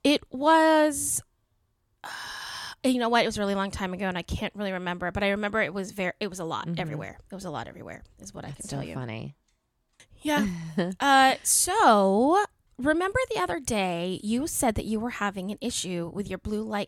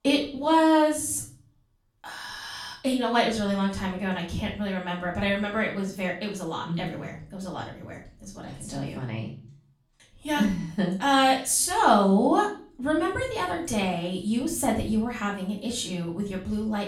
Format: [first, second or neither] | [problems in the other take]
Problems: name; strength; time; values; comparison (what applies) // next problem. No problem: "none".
first | room echo; slight; dies away in 0.4 s // off-mic speech; far